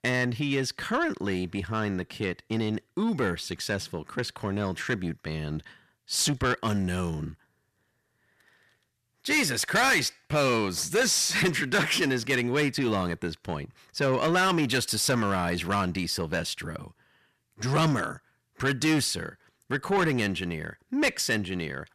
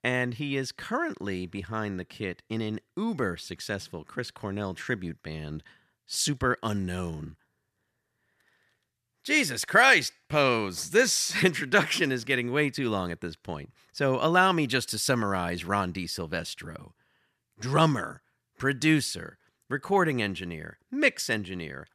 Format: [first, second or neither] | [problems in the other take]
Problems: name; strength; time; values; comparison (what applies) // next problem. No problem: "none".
second | distortion; heavy; 7 dB below the speech